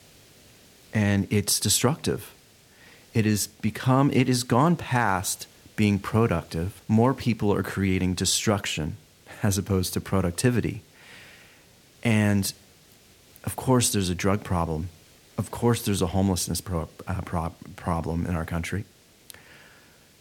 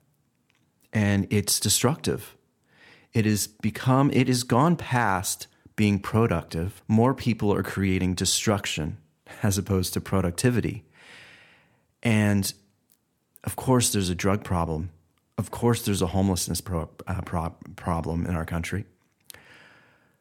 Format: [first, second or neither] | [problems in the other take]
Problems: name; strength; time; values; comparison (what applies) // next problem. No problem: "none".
second | hiss; faint; throughout; 30 dB below the speech